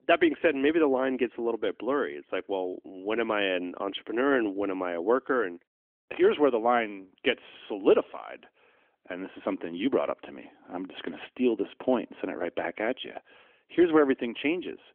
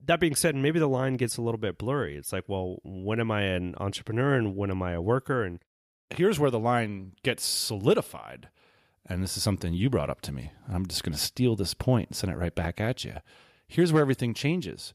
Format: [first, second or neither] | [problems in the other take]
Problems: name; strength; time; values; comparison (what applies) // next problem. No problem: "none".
second | phone-call audio; nothing above 3.5 kHz